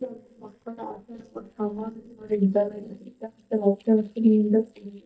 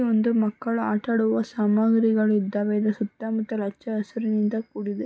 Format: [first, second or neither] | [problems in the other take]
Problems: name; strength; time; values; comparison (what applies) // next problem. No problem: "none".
second | noise reduction (neural mask model DeepFilterNet 3)